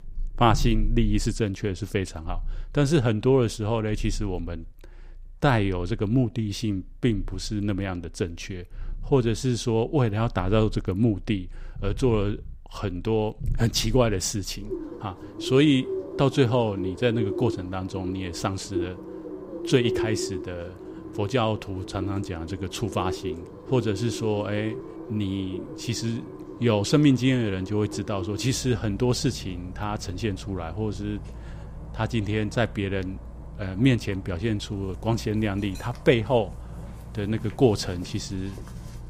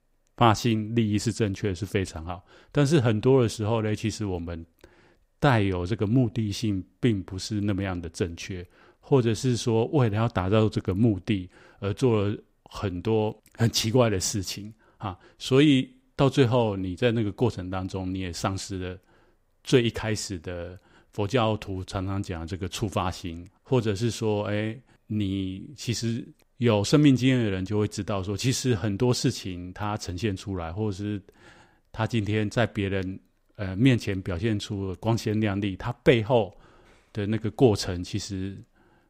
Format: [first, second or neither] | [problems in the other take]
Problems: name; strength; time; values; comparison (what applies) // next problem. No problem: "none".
second | animal sounds; noticeable; throughout; 10 dB below the speech